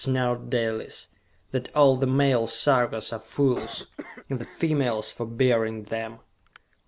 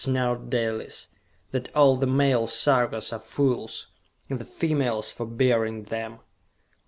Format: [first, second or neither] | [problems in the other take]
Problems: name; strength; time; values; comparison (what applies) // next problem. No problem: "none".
second | background sound (Cough); 19 dB below the speech